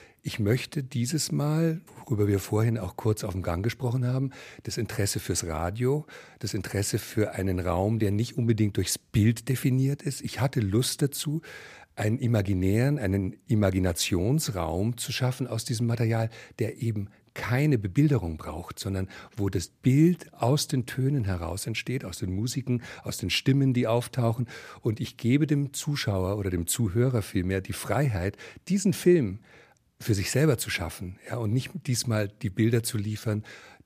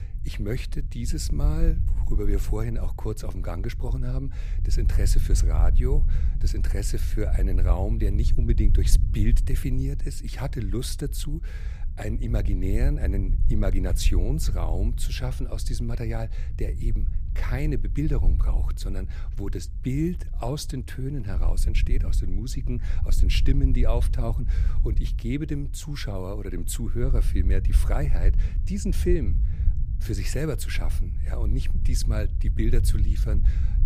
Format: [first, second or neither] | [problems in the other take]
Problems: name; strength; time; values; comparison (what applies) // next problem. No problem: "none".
first | low rumble; noticeable; throughout; 10 dB below the speech